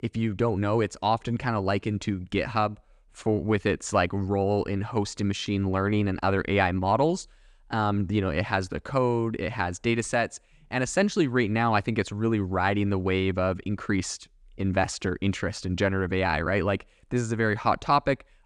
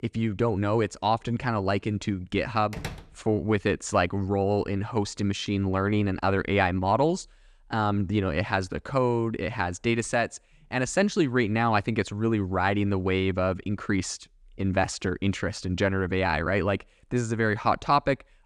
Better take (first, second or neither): first